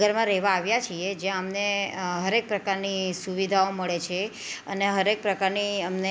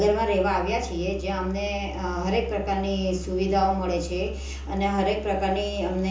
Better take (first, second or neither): first